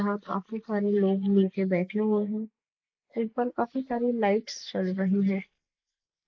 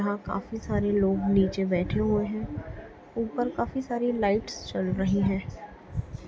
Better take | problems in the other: second | noise reduction (neural mask model Resemble Enhance denoiser)

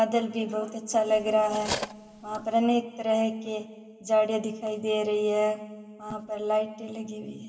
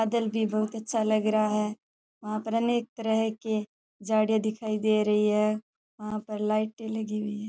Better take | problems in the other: second | background sound (Cutlery, silverware); 9 dB below the speech // room echo; dies away in 1.8 s

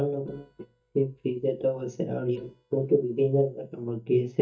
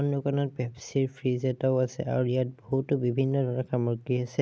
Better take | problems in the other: second | noise reduction (neural mask model DeepFilterNet 3)

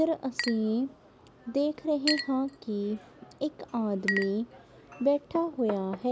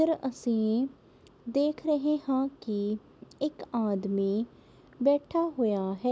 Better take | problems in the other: second | background sound (Chink, clink); 9 dB below the speech

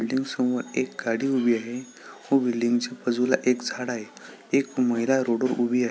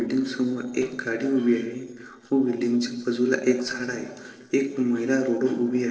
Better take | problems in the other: first | noise reduction (neural separator model SepFormer DNS4)

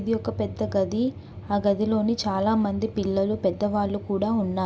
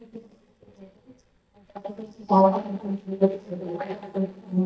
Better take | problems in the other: first | noise reduction (neural mask model DeepFilterNet 3)

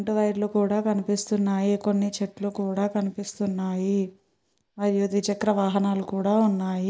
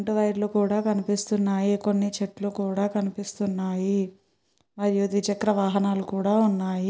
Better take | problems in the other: second | noise reduction (neural mask model Resemble Enhance denoiser)

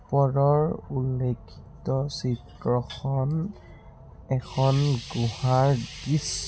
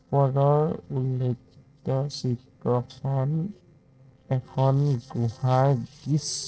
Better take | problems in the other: first | noise reduction (neural separator model SepFormer DNS4)

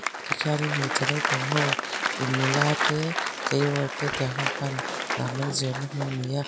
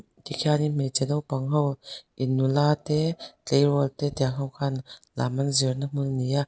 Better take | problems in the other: second | background sound (Applause); 1 dB below the speech

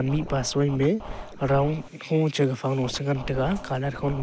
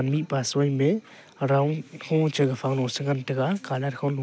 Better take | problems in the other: second | background sound (Scratching (performance technique)); 12 dB below the speech

